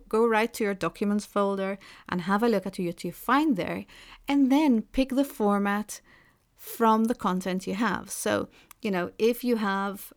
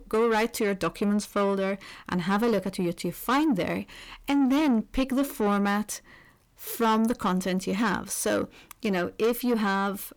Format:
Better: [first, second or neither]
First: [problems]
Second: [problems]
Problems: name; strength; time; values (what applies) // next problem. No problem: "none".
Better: first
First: none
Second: distortion; slight; 10 dB below the speech